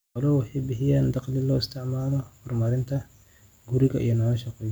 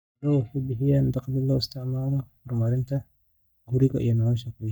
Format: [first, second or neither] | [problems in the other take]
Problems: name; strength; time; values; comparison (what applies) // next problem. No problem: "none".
first | noise reduction (neural mask model DeepFilterNet 3)